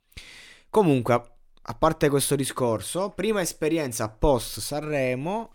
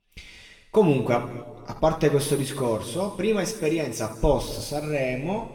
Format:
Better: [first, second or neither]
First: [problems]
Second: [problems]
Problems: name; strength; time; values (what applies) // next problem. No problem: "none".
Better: first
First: none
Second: room echo; noticeable; dies away in 1.5 s // off-mic speech; somewhat distant